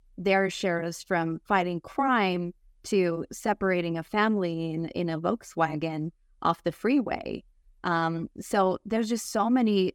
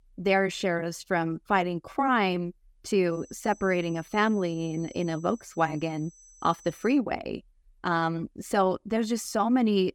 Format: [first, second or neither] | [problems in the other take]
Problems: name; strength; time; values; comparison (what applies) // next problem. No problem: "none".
first | high-pitched whine; faint; from 3 to 7 s; 6 kHz, 25 dB below the speech